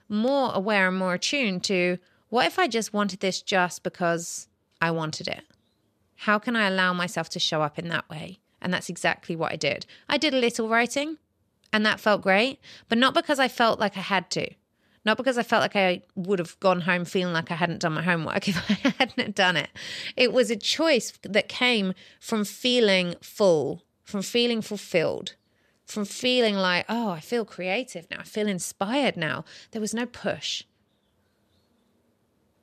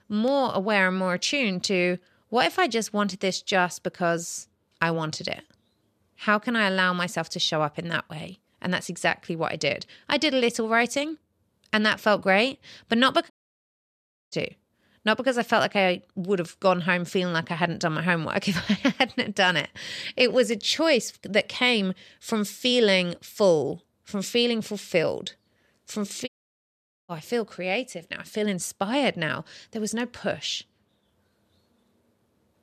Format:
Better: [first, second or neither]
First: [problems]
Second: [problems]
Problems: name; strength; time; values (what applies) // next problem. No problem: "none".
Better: first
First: none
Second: audio cutting out; at 13 s for 1 s and at 26 s for 1 s